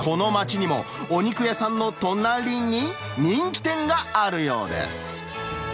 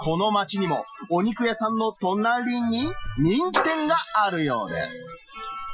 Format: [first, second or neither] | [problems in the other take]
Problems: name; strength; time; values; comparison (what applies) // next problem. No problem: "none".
first | noise reduction (classical method Wiener filter)